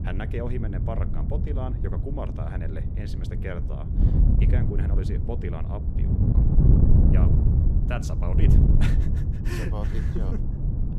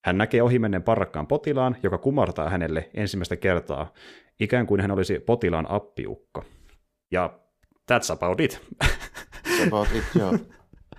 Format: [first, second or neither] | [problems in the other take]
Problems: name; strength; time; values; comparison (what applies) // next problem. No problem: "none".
second | wind noise on the microphone; heavy; 1 dB above the speech